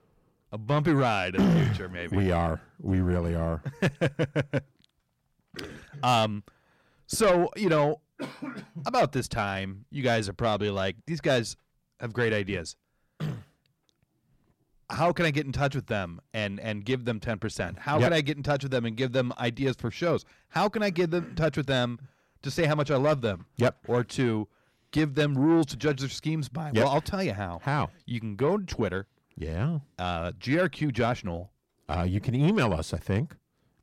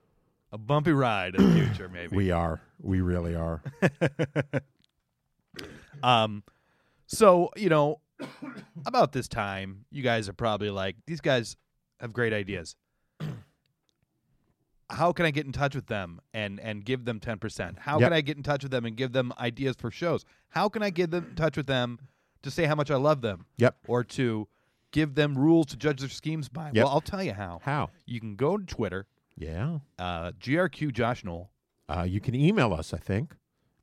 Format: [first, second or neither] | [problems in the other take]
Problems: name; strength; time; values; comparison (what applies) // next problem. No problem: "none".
second | distortion; slight; 10 dB below the speech